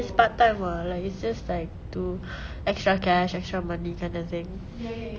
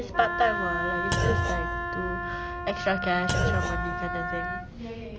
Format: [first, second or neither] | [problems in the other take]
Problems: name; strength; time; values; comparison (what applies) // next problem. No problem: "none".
first | background sound (Thump, thud + Wind instrument, woodwind instrument); 1 dB above the speech